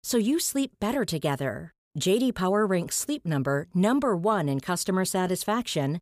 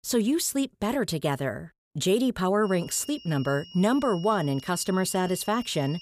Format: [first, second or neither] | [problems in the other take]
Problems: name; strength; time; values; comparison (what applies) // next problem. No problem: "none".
first | high-pitched whine; noticeable; from 2.5 s on; 3 kHz, 20 dB below the speech